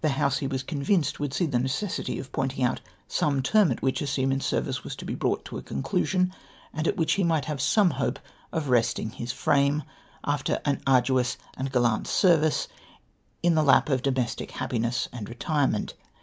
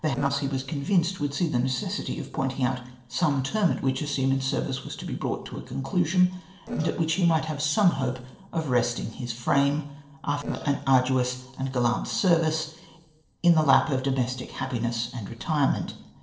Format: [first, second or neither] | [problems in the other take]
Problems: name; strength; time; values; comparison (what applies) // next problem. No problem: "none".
first | noise reduction (neural separator model SepFormer DNS4)